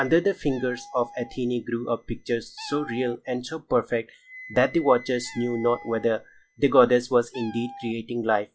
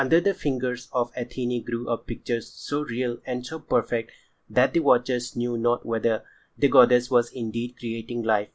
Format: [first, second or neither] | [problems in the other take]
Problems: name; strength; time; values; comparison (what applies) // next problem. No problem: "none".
second | noise reduction (classical method log-MMSE)